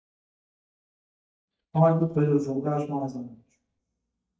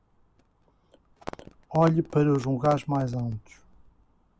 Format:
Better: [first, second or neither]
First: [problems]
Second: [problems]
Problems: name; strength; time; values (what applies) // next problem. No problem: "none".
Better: second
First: noise reduction (neural mask model DeepFilterNet 3)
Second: none